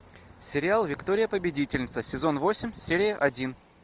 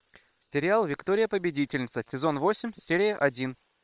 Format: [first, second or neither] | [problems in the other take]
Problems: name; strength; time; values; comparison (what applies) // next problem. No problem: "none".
first | noise reduction (neural separator model SepFormer WHAM!)